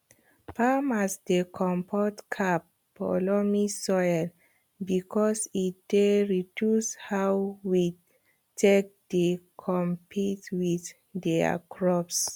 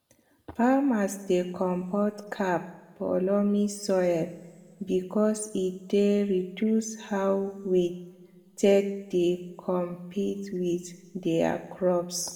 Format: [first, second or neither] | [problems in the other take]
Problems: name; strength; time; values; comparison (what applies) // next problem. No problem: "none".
first | room echo; dies away in 1 s